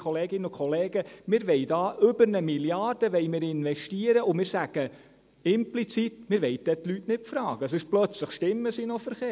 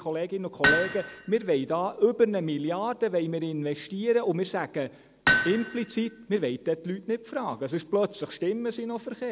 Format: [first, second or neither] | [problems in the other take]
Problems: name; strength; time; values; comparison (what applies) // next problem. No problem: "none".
first | background sound (Hammer); 1 dB below the speech